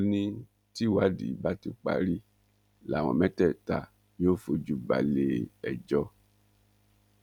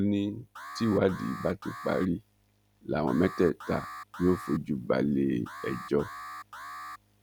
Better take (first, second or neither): first